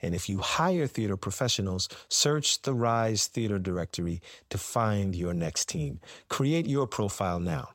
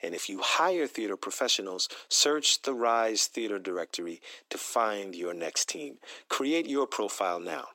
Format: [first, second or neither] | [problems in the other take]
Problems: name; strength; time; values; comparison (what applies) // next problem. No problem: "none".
first | thin; somewhat; fading below 300 Hz